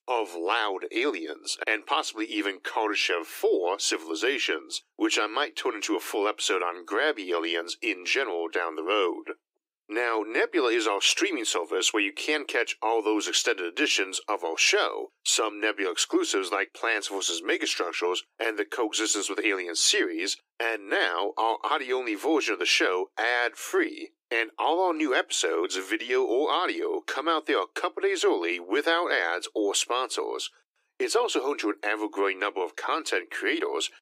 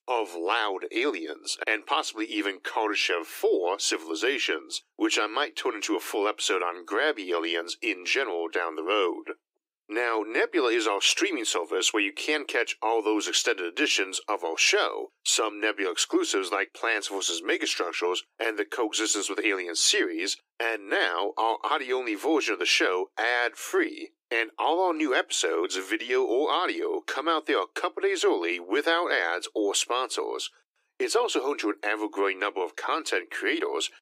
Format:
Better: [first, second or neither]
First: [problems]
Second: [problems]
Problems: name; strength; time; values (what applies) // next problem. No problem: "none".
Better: neither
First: thin; very; fading below 300 Hz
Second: thin; very; fading below 300 Hz